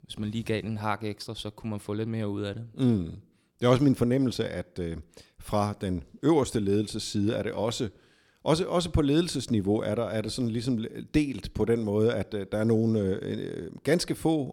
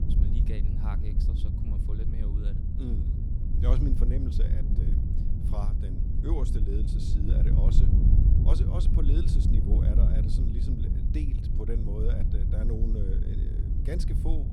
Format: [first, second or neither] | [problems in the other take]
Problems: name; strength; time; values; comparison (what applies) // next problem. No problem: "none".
first | wind noise on the microphone; heavy; as loud as the speech